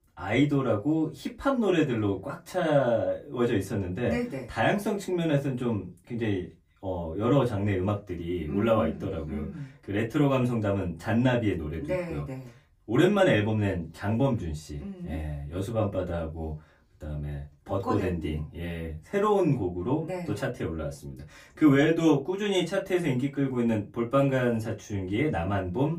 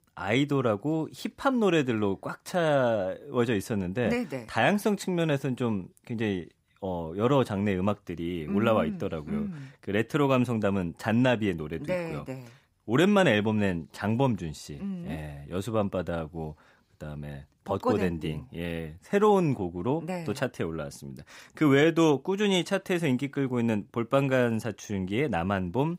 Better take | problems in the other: second | off-mic speech; far // room echo; very slight; dies away in 0.2 s

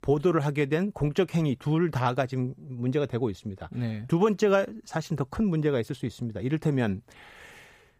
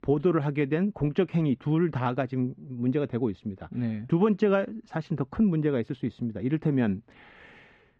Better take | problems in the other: first | muffled; slightly; fading above 2.5 kHz

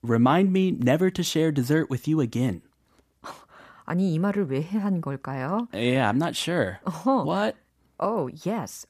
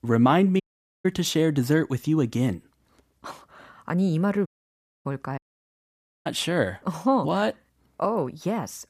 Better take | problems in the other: first | audio cutting out; at 0.5 s, at 4.5 s for 0.5 s and at 5.5 s for 1 s

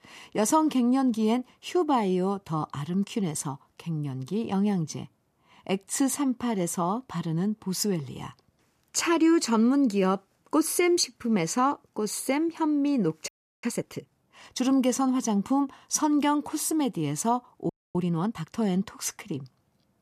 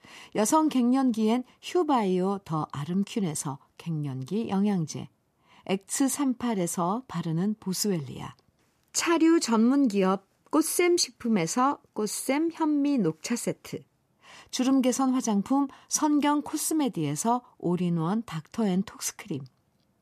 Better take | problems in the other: second | audio freezing; at 13 s and at 18 s

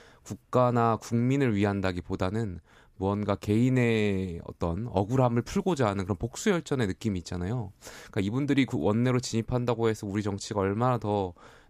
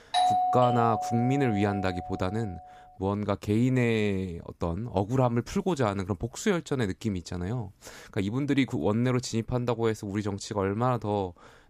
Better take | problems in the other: first | doorbell; loud; until 2 s; peak 4 dB above the speech

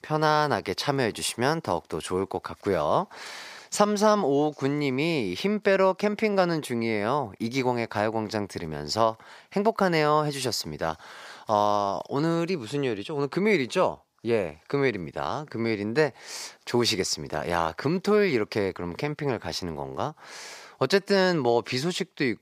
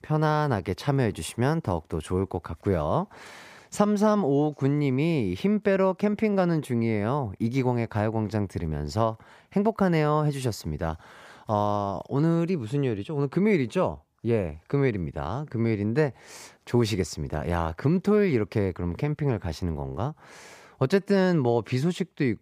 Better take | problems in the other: second | thin; very slightly; fading below 550 Hz

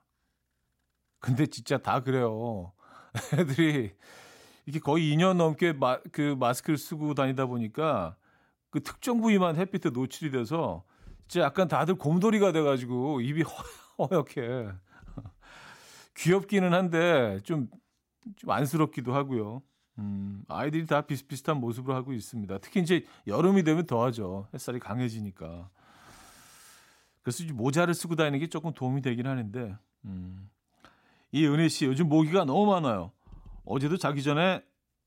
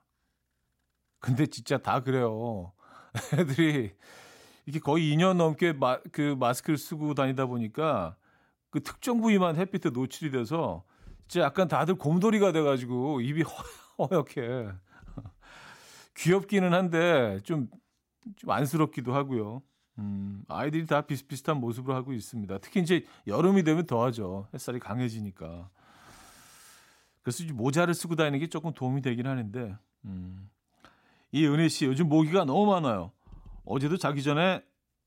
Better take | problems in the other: neither | none

